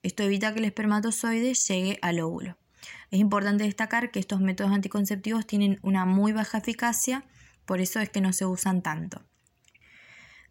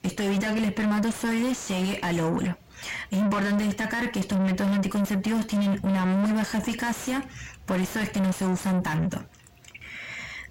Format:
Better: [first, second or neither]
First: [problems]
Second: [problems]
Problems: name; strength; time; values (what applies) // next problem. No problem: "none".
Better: first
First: none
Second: distortion; heavy; 6 dB below the speech